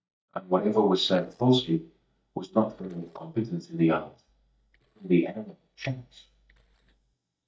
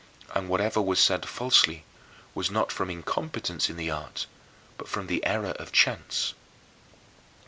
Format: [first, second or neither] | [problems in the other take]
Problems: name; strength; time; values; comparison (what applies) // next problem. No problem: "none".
second | noise reduction (neural mask model DeepFilterNet 3)